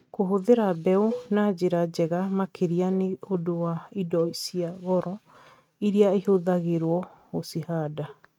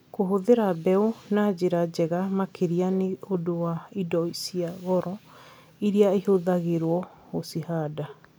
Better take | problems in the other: second | noise reduction (neural mask model RNNoise)

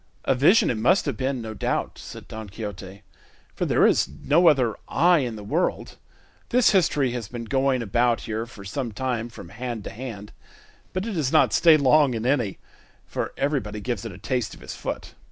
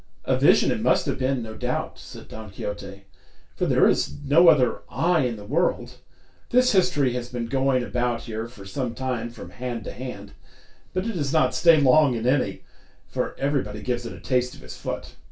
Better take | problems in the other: first | room echo; dies away in 0.2 s

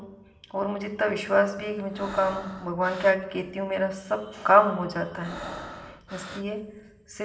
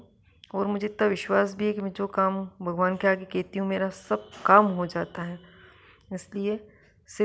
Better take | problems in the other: second | background sound (Breathing); 14 dB below the speech // room echo; dies away in 1.9 s

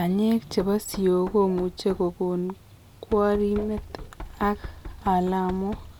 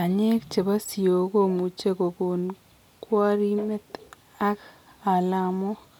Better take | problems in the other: second | background sound (Knock); 15 dB below the speech

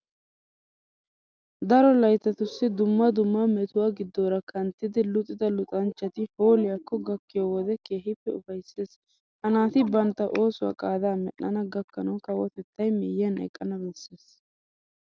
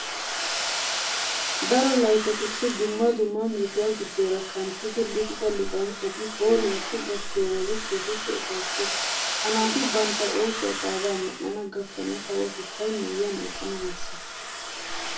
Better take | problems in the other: first | background sound (Domestic sounds, home sounds); 4 dB below the speech // room echo; dies away in 0.3 s

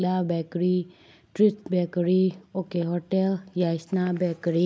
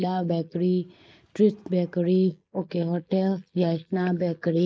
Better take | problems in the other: first | noise reduction (neural mask model Resemble Enhance denoiser)

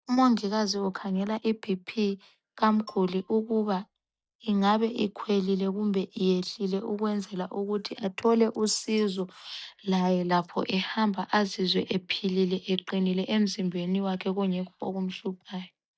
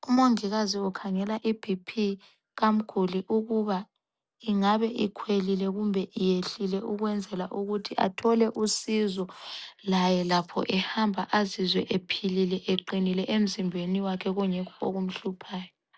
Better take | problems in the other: second | noise reduction (neural mask model DeepFilterNet 3)

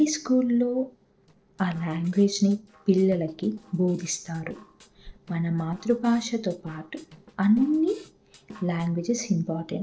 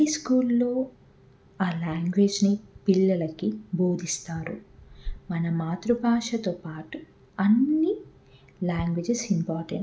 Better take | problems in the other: second | noise reduction (neural separator model SepFormer DNS4)

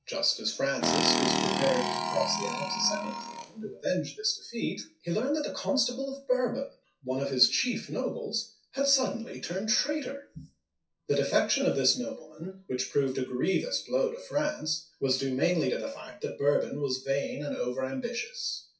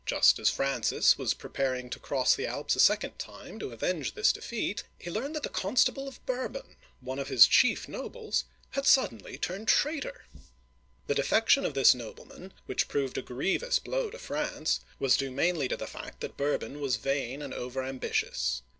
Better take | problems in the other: second | noise reduction (classical method WPE with log-MMSE)

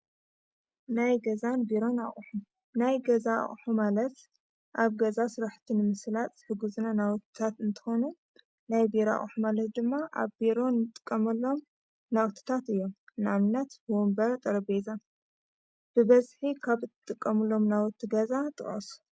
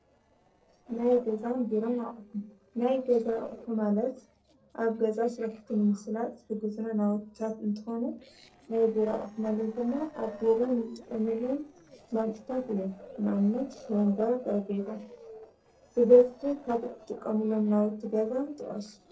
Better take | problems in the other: first | noise reduction (neural separator model SepFormer DNS4)

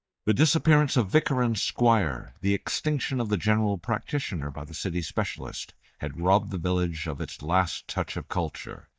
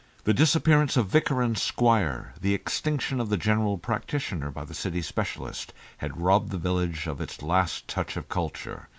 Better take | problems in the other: second | noise reduction (neural mask model DeepFilterNet 3)

